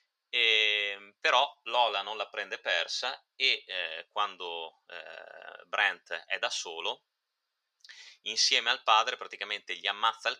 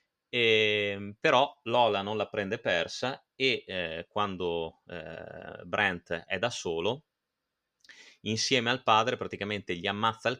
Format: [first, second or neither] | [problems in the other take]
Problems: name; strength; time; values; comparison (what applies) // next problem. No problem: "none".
second | thin; very; fading below 850 Hz